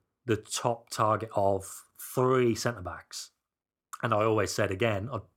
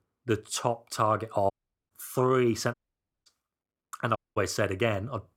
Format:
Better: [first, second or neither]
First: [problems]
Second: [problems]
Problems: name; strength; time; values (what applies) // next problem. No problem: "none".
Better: first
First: none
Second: audio cutting out; at 1.5 s, at 2.5 s for 0.5 s and at 4 s